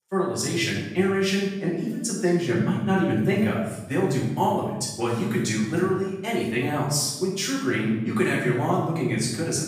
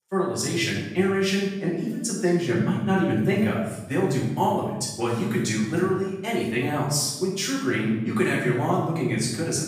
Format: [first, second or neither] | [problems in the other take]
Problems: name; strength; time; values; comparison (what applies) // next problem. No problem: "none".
neither | room echo; noticeable; dies away in 0.9 s; the same in both // off-mic speech; far; the same in both